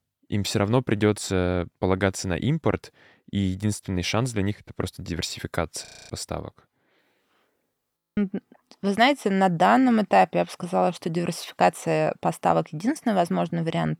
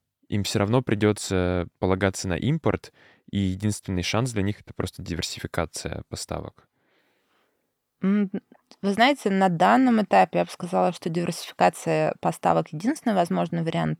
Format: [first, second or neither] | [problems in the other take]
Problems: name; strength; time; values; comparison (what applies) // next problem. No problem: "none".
second | audio freezing; at 6 s and at 8 s